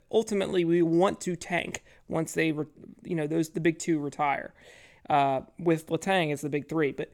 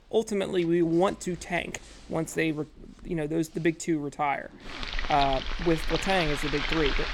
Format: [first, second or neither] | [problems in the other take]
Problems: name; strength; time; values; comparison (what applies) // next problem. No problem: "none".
first | household noises; loud; throughout; 4 dB below the speech